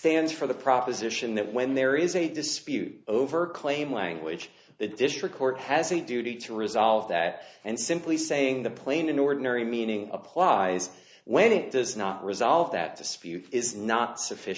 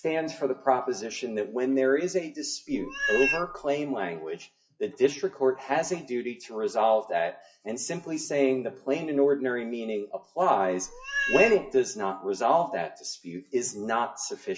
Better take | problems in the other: first | noise reduction (classical method WPE with log-MMSE)

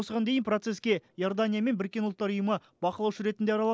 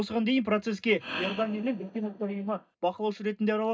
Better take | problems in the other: first | noise reduction (neural mask model DeepFilterNet 3)

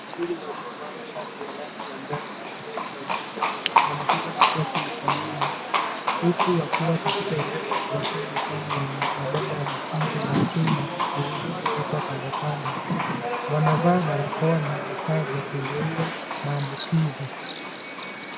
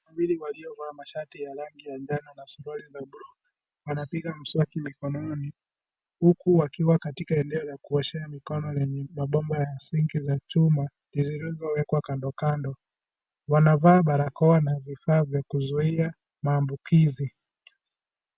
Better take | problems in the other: second | background sound (Livestock, farm animals, working animals); 1 dB above the speech

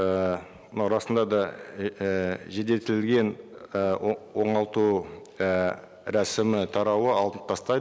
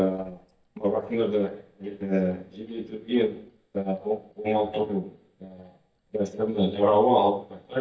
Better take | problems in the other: first | noise reduction (neural mask model DeepFilterNet 3)

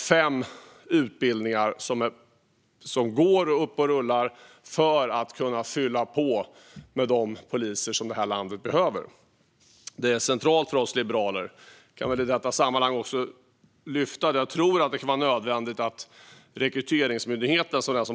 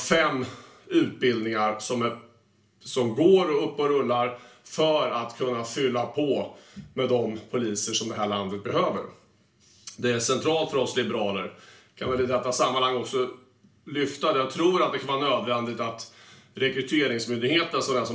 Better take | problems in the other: first | room echo; dies away in 0.4 s

